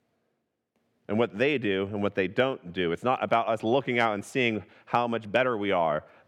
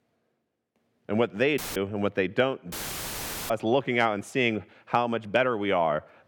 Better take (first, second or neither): first